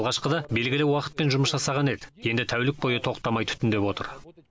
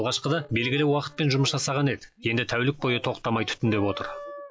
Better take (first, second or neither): first